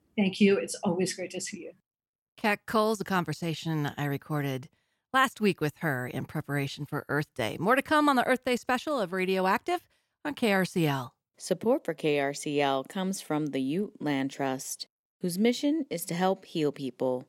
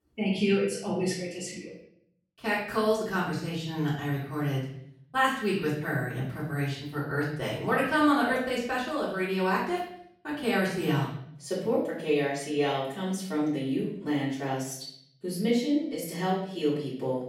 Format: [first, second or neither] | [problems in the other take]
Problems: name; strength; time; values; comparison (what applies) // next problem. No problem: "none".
first | off-mic speech; far // room echo; noticeable; dies away in 0.6 s